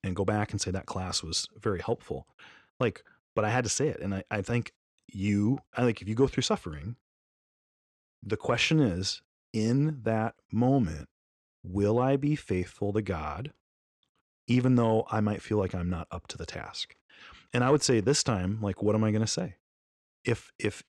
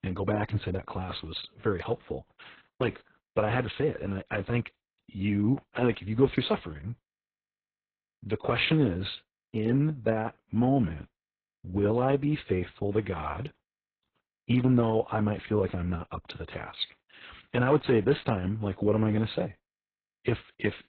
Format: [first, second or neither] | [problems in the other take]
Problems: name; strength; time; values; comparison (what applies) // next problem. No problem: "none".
first | garbled, watery; badly; nothing above 4 kHz